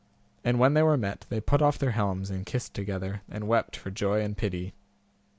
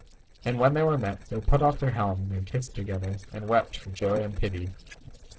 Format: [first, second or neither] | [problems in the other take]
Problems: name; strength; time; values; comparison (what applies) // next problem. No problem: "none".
first | noise reduction (neural separator model SepFormer DNS4)